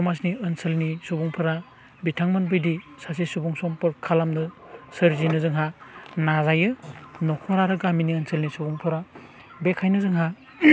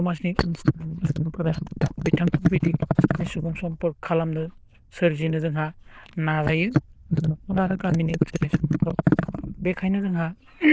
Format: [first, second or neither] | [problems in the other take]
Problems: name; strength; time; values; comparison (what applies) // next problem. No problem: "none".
first | noise reduction (neural diffusion model UNIVERSE++)